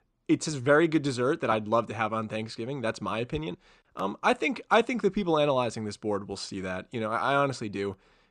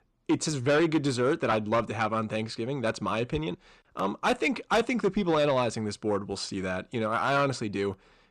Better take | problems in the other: first | distortion; slight; 10 dB below the speech

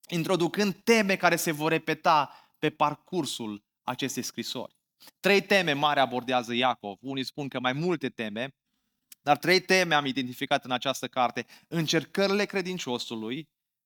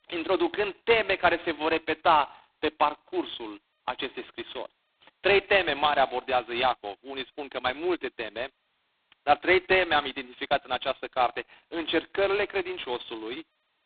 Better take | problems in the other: first | phone-call audio; poor line; nothing above 4 kHz

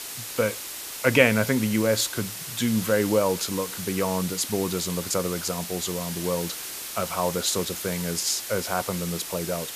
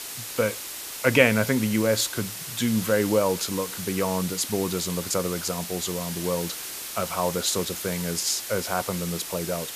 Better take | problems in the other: neither | hiss; loud; throughout; 7 dB below the speech; the same in both

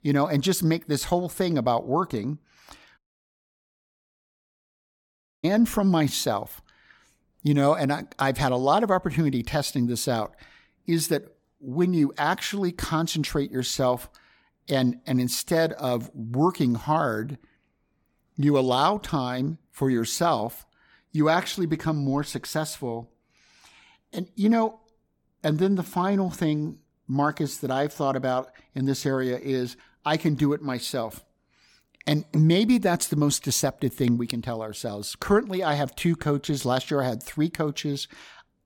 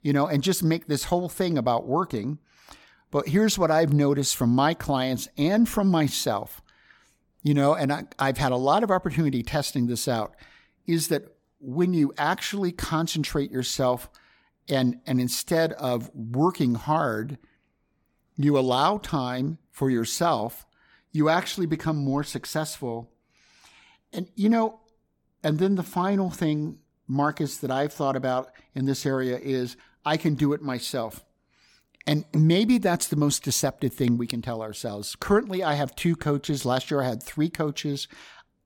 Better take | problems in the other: second | audio cutting out; at 3 s for 2.5 s

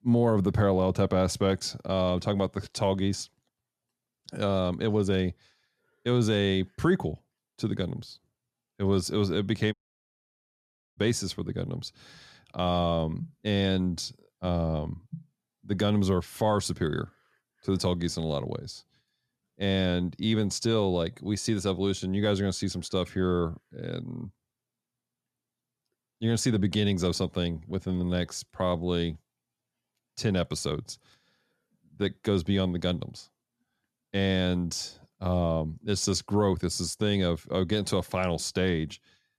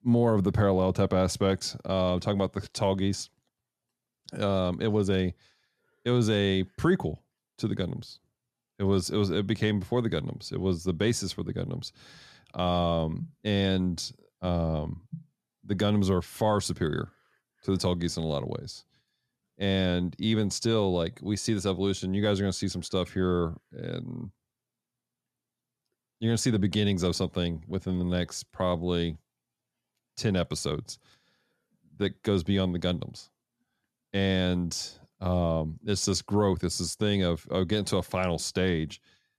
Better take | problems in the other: second | audio cutting out; at 9.5 s for 1 s

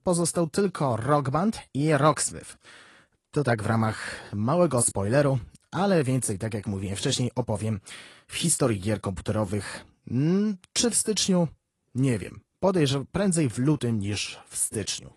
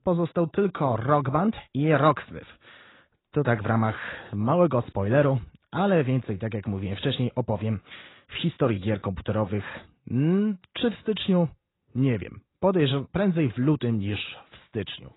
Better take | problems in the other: first | garbled, watery; badly; nothing above 4 kHz; slightly in the first

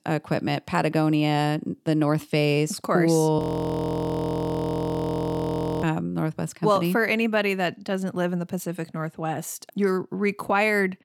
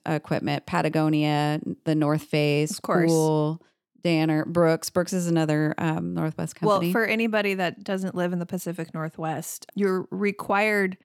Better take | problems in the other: second | audio freezing; at 3.5 s for 2.5 s

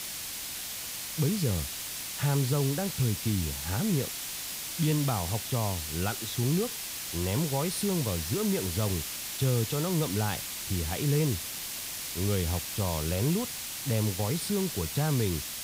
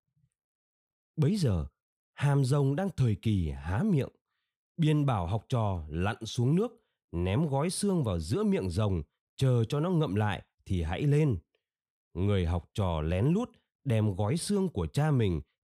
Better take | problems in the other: second | hiss; loud; throughout; 3 dB below the speech

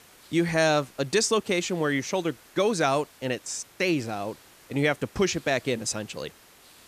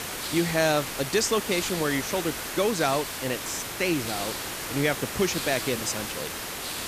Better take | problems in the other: first | hiss; loud; throughout; 4 dB below the speech; faint in the first

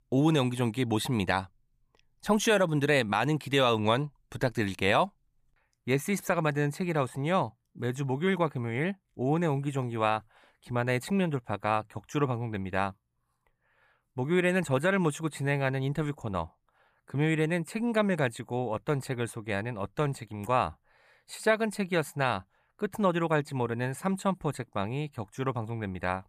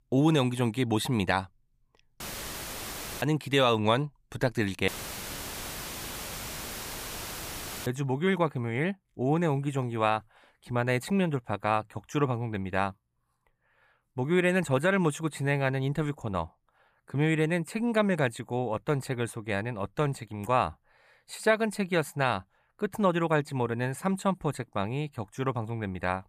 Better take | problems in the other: first | audio cutting out; filled with static; at 2 s for 1 s and at 5 s for 3 s

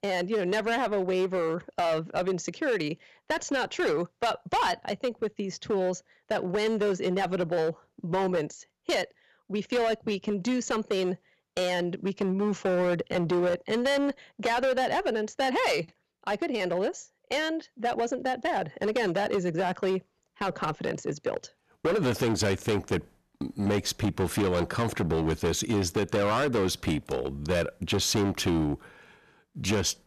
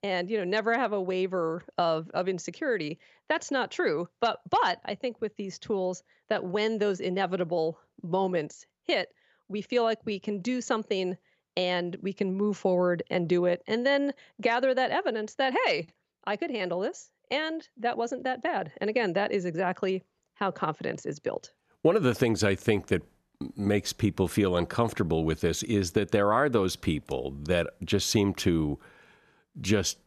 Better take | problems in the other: second | distortion; heavy; 13% of the sound clipped

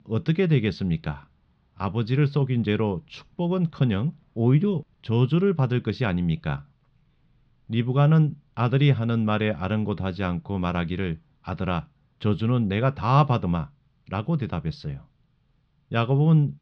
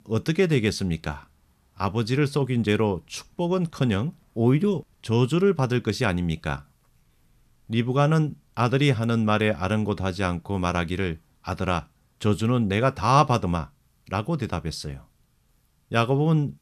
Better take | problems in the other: second | muffled; slightly; fading above 4 kHz

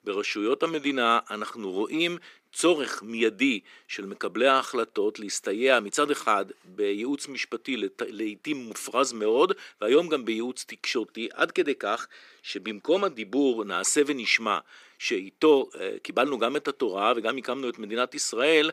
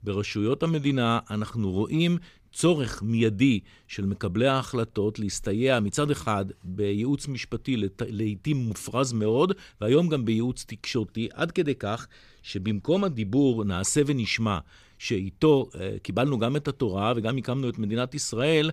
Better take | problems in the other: second | thin; somewhat; fading below 300 Hz

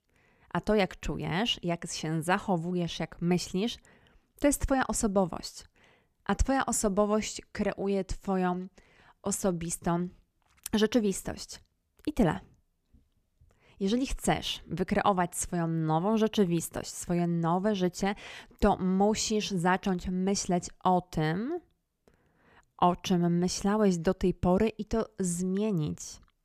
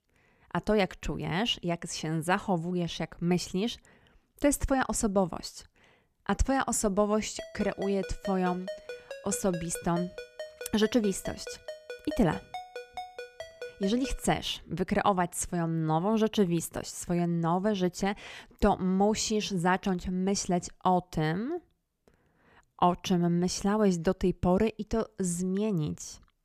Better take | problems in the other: first | phone ringing; faint; from 7.5 to 14 s; peak 10 dB below the speech

